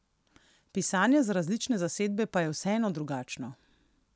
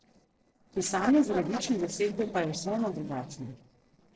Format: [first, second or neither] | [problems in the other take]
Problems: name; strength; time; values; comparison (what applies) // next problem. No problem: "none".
first | noise reduction (neural separator model SepFormer DNS4)